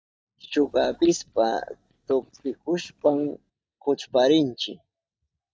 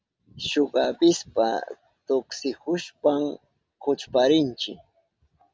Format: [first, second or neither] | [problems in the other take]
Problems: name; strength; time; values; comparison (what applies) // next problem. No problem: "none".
second | noise reduction (neural mask model DeepFilterNet 3)